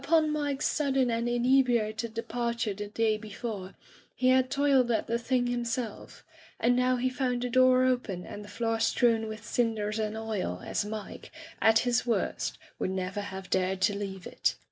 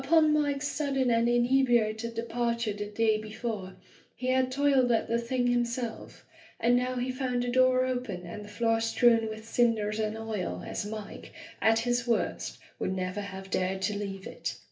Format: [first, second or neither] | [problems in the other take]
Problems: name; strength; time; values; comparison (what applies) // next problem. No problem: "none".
first | room echo; dies away in 0.3 s